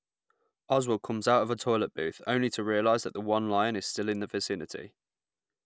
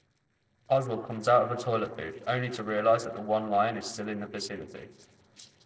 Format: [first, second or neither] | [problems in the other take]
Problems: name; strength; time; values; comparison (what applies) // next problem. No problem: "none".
first | noise reduction (neural separator model SepFormer DNS4)